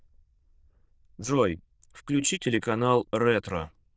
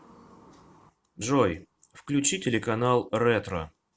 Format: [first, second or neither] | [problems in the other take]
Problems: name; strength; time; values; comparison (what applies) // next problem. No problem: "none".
second | noise reduction (neural diffusion model UNIVERSE++)